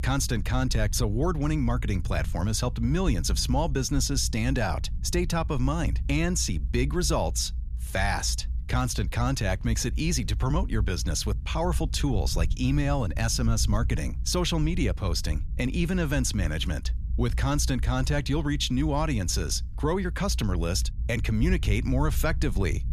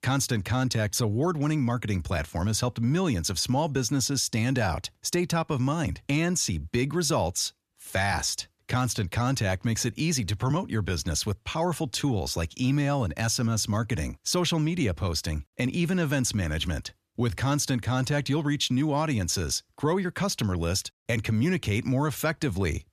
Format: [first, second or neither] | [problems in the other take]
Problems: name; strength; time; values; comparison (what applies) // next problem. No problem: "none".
second | low rumble; faint; throughout; 20 dB below the speech